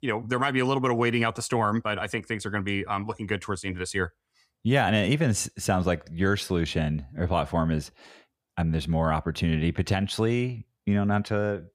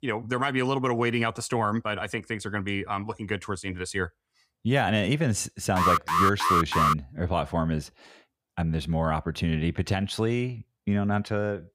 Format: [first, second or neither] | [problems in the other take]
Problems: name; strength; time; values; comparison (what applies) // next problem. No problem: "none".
first | alarm; loud; from 6 to 7 s; peak 5 dB above the speech